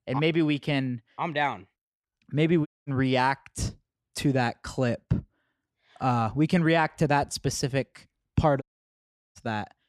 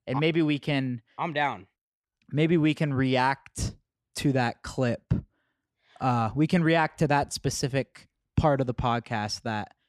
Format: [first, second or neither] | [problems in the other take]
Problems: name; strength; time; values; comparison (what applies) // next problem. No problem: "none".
second | audio cutting out; at 2.5 s and at 8.5 s for 0.5 s